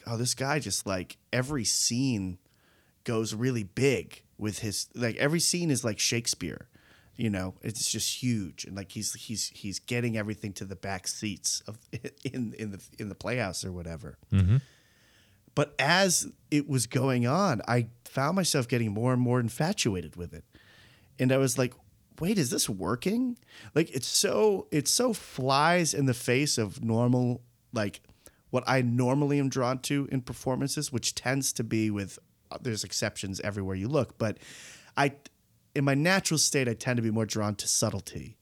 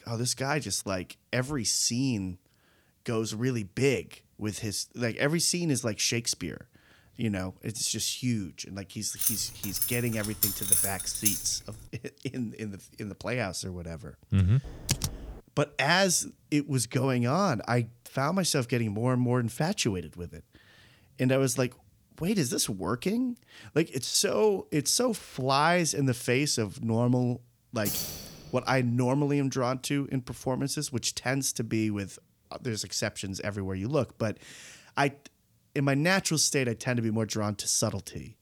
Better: first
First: none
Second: jangling keys; loud; from 9 to 11 s; peak 6 dB above the speech // keyboard typing; noticeable; at 15 s; peak 2 dB below the speech // jangling keys; noticeable; at 28 s; peak 2 dB below the speech

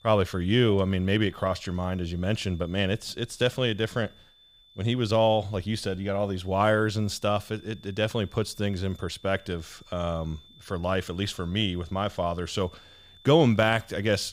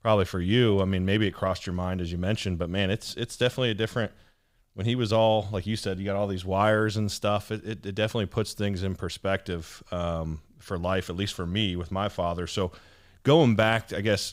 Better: second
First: high-pitched whine; faint; throughout; 3.5 kHz, 25 dB below the speech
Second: none

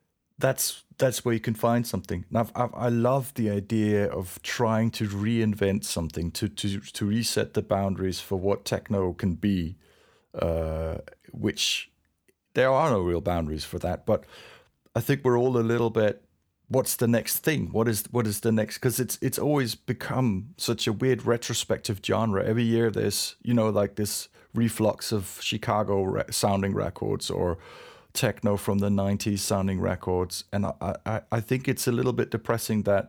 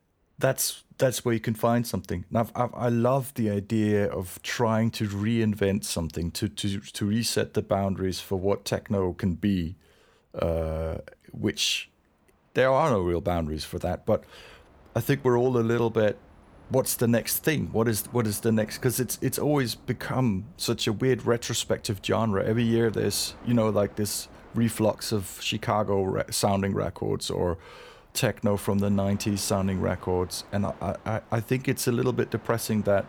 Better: first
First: none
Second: train or aircraft noise; faint; throughout; 25 dB below the speech

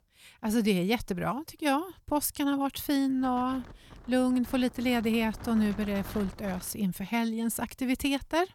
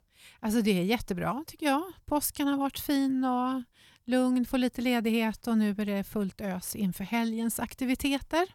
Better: second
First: wind noise on the microphone; occasional gusts; from 3 to 6.5 s; 15 dB below the speech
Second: none

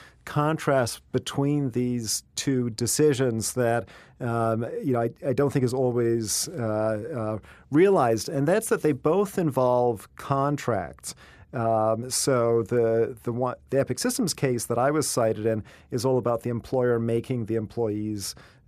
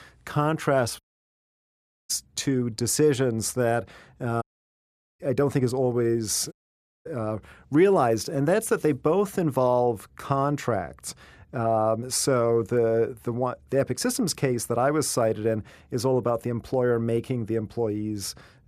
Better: first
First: none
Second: audio cutting out; at 1 s for 1 s, at 4.5 s for 1 s and at 6.5 s for 0.5 s

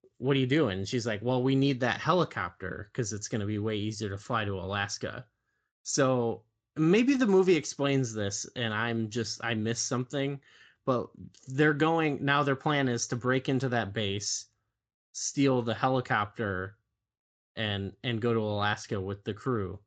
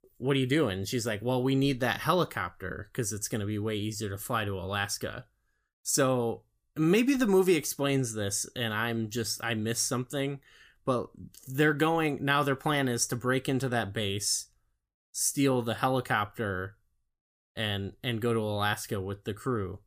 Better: second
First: garbled, watery; slightly; nothing above 7.5 kHz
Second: none

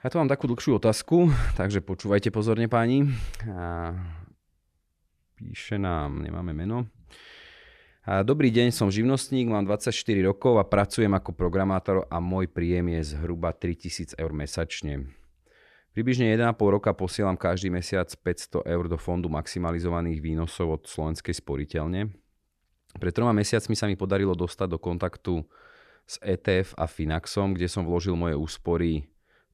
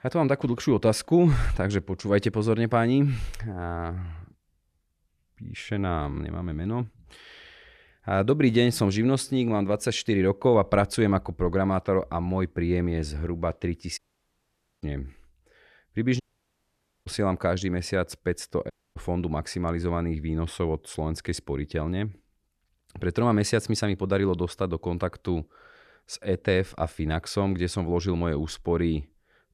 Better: first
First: none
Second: audio cutting out; at 14 s for 1 s, at 16 s for 1 s and at 19 s

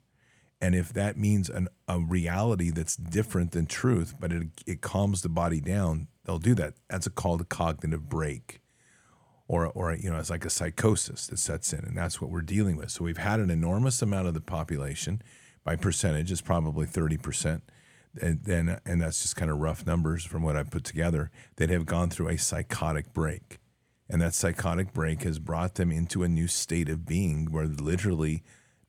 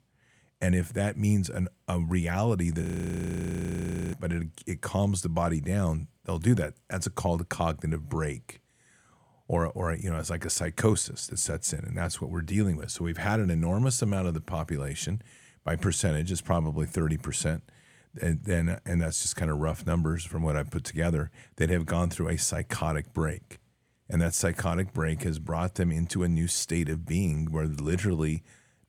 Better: first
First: none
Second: audio freezing; at 3 s for 1.5 s

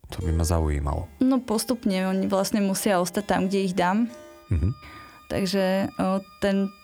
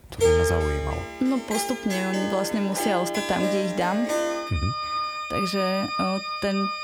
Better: first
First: background music; faint; throughout; 25 dB below the speech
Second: background music; loud; throughout; 1 dB below the speech

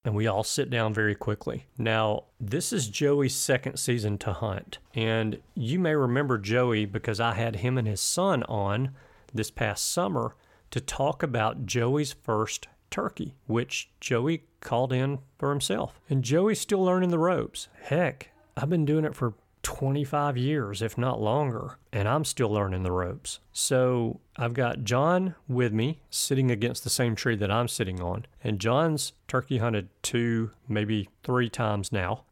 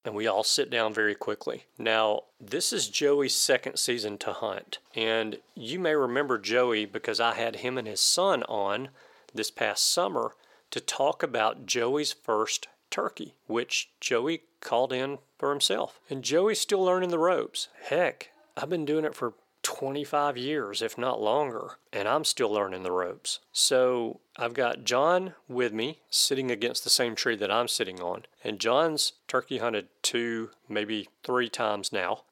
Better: first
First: none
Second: thin; somewhat; fading below 400 Hz

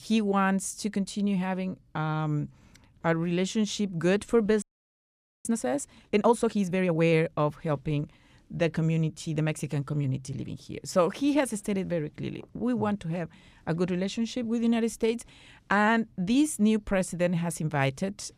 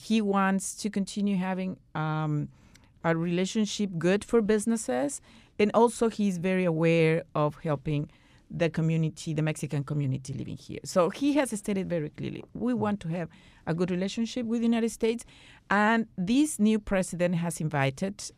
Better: second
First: audio freezing; at 4.5 s for 1 s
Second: none

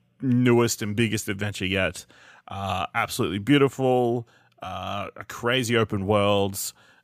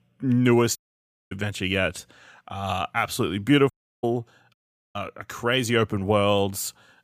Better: first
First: none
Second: audio cutting out; at 1 s for 0.5 s, at 3.5 s and at 4.5 s

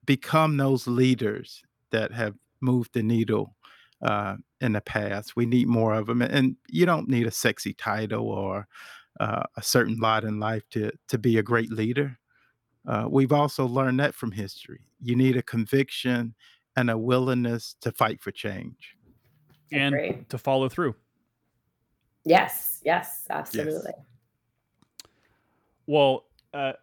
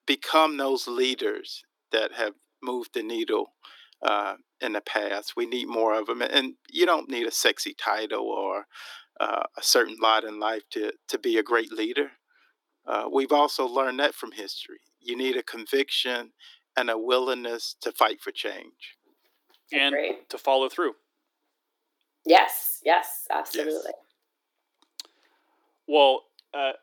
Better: first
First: none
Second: thin; very; fading below 300 Hz

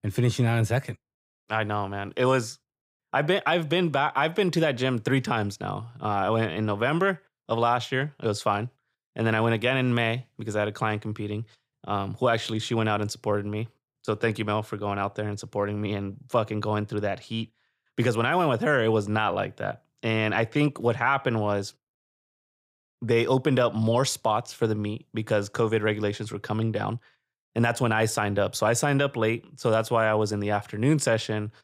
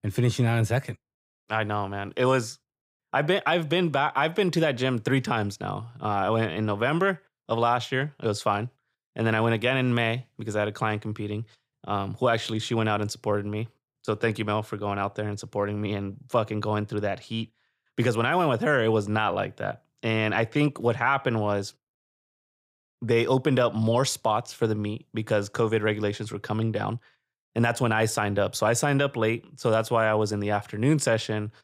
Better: neither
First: none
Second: none

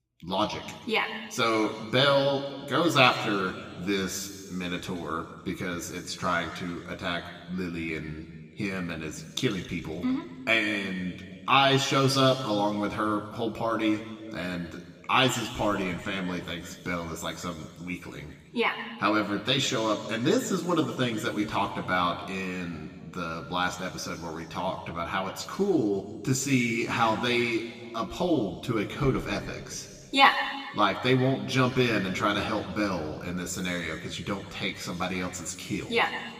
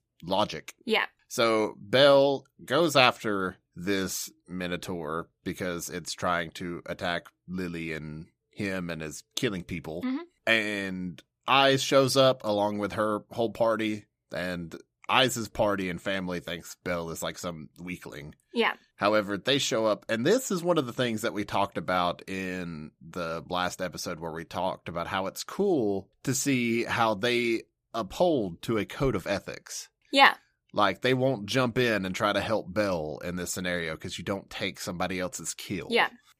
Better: second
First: room echo; slight; dies away in 1.8 s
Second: none

